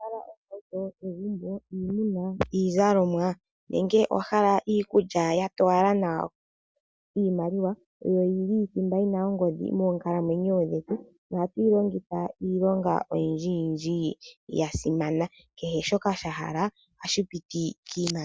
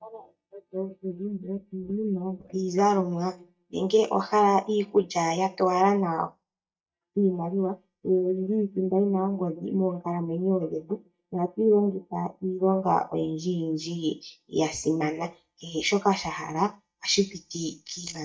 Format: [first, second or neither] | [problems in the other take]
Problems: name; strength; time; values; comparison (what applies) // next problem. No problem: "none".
first | noise reduction (neural mask model DeepFilterNet 3)